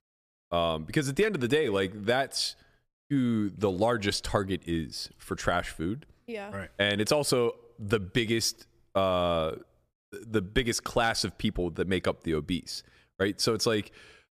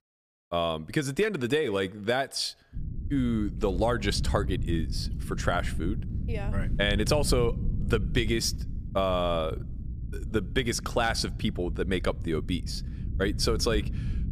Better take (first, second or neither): first